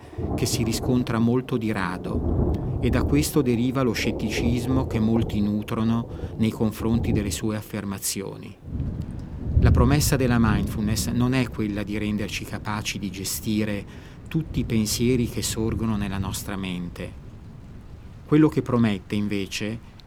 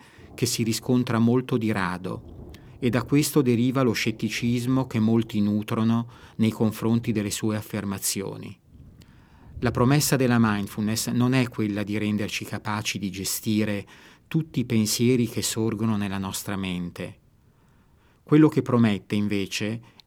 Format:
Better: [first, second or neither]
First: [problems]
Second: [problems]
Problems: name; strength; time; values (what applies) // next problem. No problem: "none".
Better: second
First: rain or running water; loud; throughout; 5 dB below the speech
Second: rain or running water; faint; throughout; 25 dB below the speech